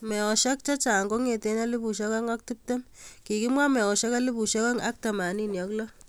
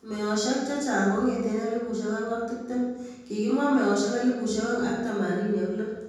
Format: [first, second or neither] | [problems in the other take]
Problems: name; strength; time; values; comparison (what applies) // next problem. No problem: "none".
first | room echo; dies away in 1.3 s